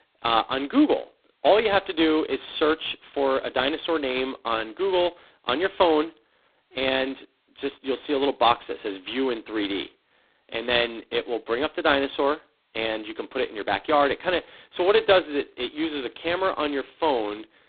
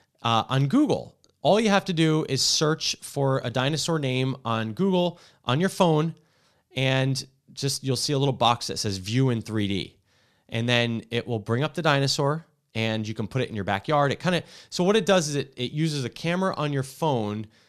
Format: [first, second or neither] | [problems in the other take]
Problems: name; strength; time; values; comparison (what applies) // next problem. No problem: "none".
second | phone-call audio; poor line; nothing above 3.5 kHz